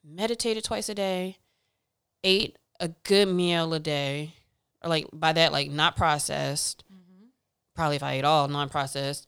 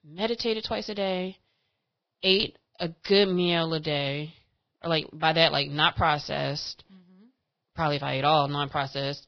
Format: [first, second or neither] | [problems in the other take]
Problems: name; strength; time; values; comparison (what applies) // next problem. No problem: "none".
first | garbled, watery; badly; nothing above 5 kHz